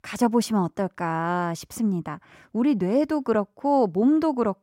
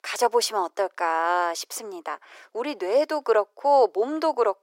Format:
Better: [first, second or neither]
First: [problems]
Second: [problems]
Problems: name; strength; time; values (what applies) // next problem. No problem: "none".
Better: first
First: none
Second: thin; very; fading below 400 Hz